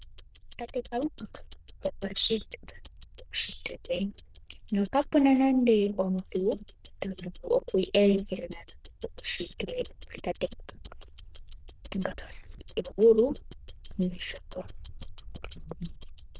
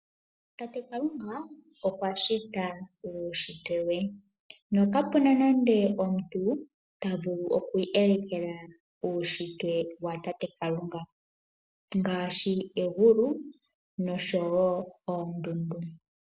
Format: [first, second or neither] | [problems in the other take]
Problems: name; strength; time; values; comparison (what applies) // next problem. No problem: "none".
second | noise reduction (neural diffusion model UNIVERSE++)